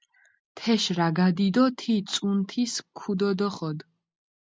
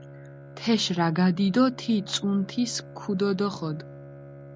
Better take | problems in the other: first | background sound (Bowed string instrument); 17 dB below the speech

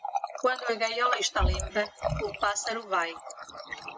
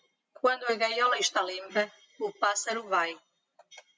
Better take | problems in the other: second | background sound (Water tap, faucet); 3 dB below the speech

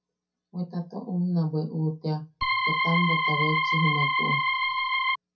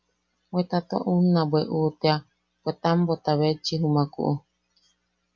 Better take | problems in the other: second | background sound (Organ); 5 dB above the speech // room echo; dies away in 0.3 s

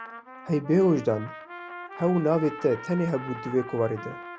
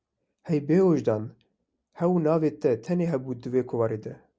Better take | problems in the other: second | background sound (Trumpet); 14 dB below the speech

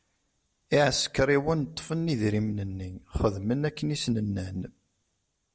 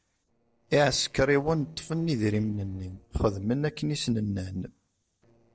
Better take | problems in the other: first | noise reduction (neural separator model SepFormer DNS4)

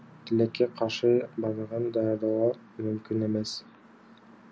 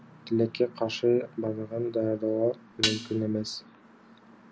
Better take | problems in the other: first | background sound (Dishes, pots, and pans); 2 dB below the speech

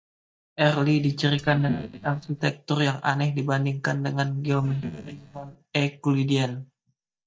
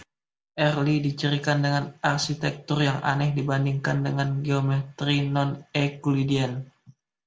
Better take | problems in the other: second | noise reduction (neural mask model DeepFilterNet 3)

